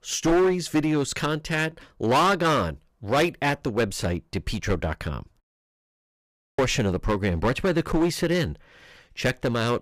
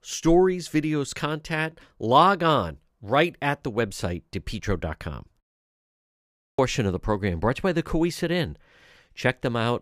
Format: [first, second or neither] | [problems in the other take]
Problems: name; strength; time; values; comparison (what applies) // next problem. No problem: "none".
second | distortion; heavy; 9% of the sound clipped